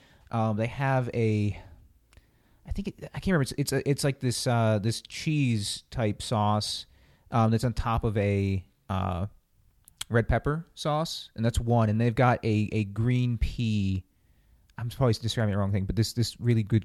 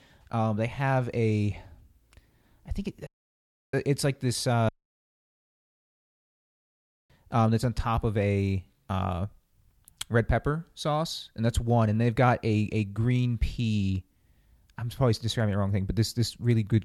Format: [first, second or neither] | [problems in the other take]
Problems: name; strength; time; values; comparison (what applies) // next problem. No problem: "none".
first | audio cutting out; at 3 s for 0.5 s and at 4.5 s for 2.5 s